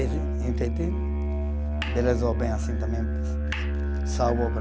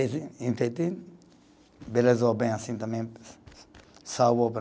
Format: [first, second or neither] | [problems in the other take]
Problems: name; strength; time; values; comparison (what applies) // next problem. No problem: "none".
second | background sound (Musical instrument); 4 dB above the speech